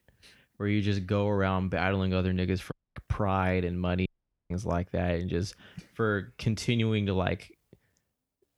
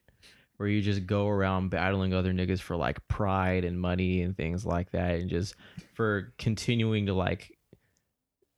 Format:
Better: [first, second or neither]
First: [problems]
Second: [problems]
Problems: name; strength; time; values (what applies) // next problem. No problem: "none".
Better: second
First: audio cutting out; at 2.5 s and at 4 s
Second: none